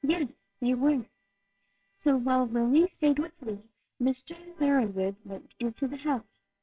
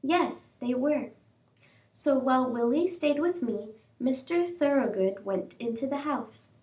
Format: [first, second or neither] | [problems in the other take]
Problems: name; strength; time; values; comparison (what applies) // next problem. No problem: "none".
second | noise reduction (neural separator model SepFormer WHAMR!)